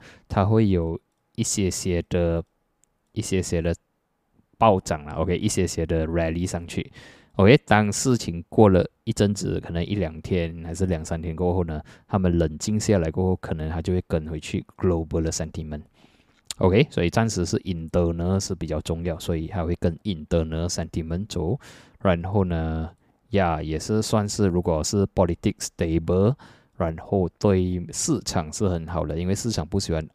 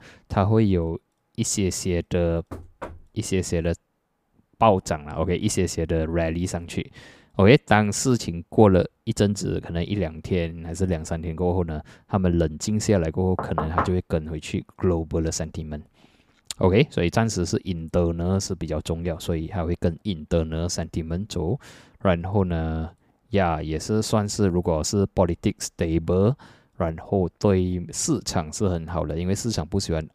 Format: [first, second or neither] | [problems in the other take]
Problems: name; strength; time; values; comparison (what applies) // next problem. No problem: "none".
first | door banging; faint; at 2.5 s; peak 15 dB below the speech // door banging; noticeable; at 13 s; peak 2 dB below the speech